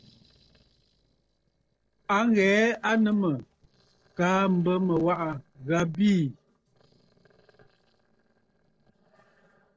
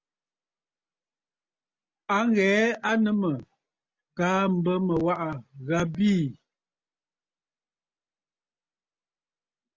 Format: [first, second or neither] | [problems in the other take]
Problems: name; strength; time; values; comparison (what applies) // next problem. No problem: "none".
second | noise reduction (neural separator model SepFormer DNS4)